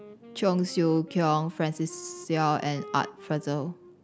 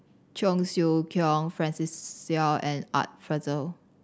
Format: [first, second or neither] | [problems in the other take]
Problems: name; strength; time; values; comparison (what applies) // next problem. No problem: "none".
second | background sound (Wind instrument, woodwind instrument); 18 dB below the speech